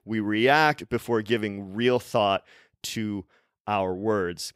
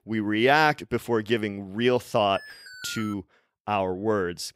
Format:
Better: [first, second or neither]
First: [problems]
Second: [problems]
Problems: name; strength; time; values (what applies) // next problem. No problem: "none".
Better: first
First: none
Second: alarm; faint; at 2.5 s; peak 15 dB below the speech